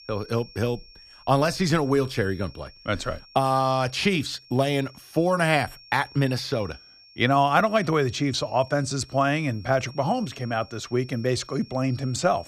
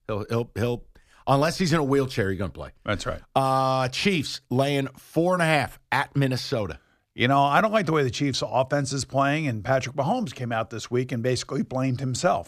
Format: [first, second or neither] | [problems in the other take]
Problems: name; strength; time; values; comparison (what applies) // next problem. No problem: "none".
second | high-pitched whine; faint; throughout; 5.5 kHz, 20 dB below the speech